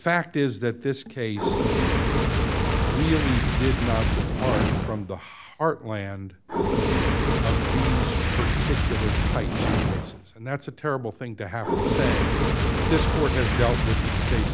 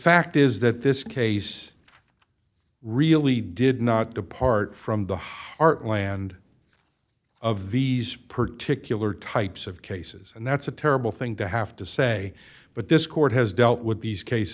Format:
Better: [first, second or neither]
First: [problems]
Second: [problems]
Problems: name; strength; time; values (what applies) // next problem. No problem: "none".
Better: second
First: background sound (Fire); 5 dB above the speech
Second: none